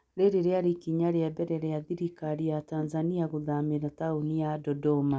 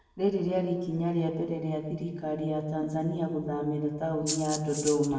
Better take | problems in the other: first | background sound (Rattle (instrument)); 7 dB below the speech // room echo; dies away in 1.1 s

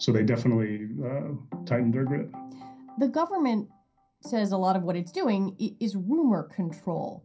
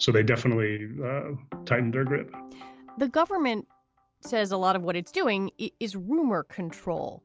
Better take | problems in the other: second | room echo; dies away in 0.3 s

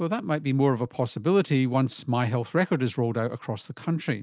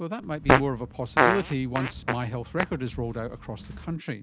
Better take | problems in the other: first | background sound (Fart); 3 dB above the speech

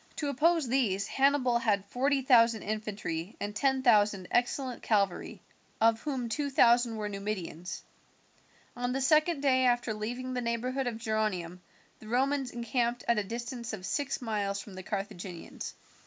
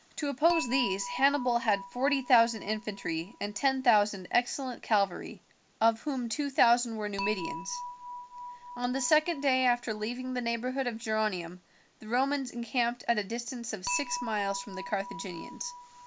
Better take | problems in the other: first | background sound (Dishes, pots, and pans / Chink, clink); 13 dB below the speech

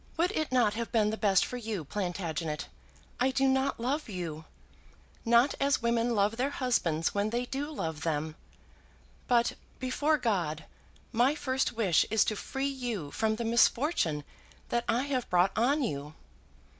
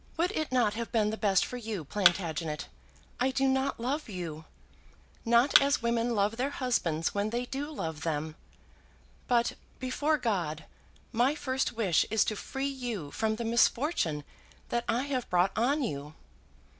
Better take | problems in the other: first | background sound (Thump, thud); 2 dB below the speech

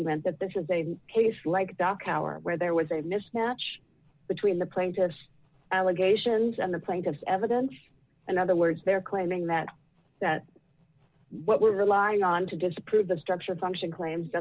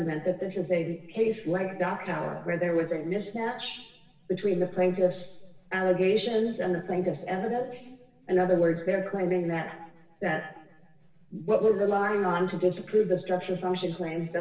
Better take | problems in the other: first | room echo; dies away in 0.9 s

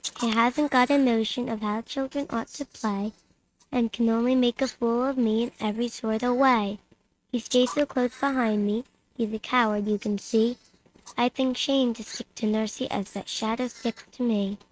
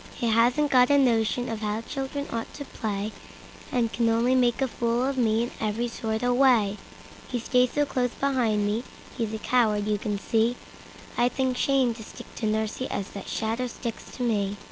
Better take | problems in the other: second | noise reduction (neural mask model RNNoise)

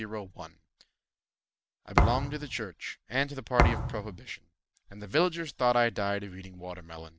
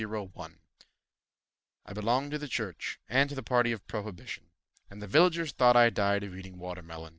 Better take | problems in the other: second | background sound (Thump, thud); 4 dB above the speech

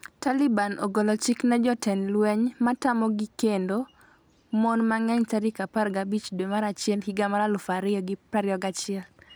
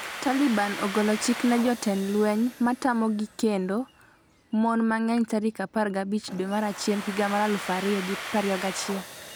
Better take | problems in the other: first | background sound (Domestic sounds, home sounds); 12 dB below the speech

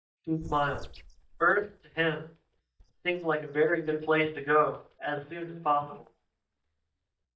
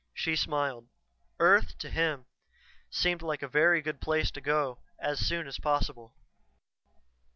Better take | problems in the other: second | noise reduction (neural mask model DeepFilterNet 3)

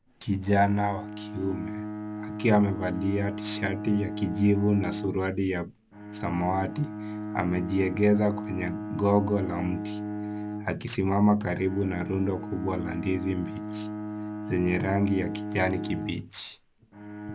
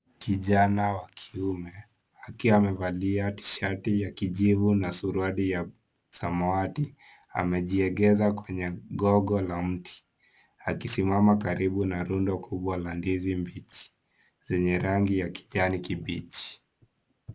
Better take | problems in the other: second | background sound (Bowed string instrument); 8 dB below the speech

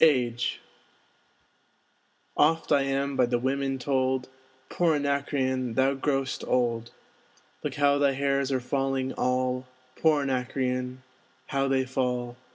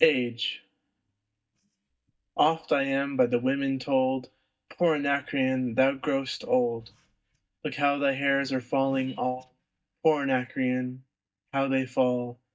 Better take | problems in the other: first | noise reduction (neural mask model DeepFilterNet 3)

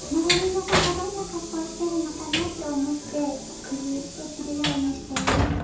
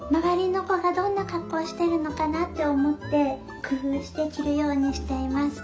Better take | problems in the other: second | background sound (Train); 1 dB below the speech // room echo; dies away in 0.7 s

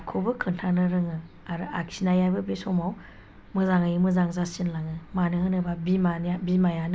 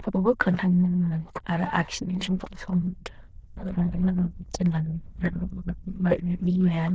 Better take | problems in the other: first | noise reduction (neural diffusion model UNIVERSE++)

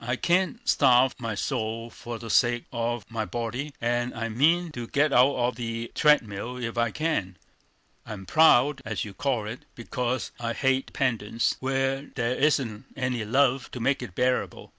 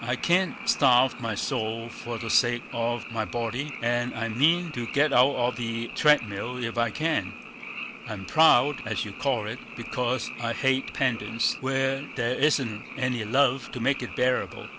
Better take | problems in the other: first | background sound (Frog); 12 dB below the speech

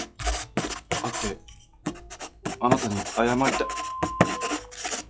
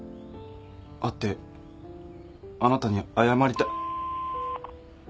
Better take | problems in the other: second | noise reduction (classical method log-MMSE)

